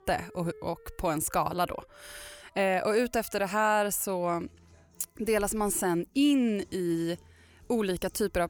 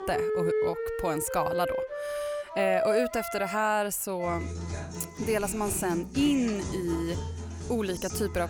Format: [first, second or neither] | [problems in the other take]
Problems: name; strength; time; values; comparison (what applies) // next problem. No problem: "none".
first | background music; loud; throughout; 3 dB below the speech; faint in the first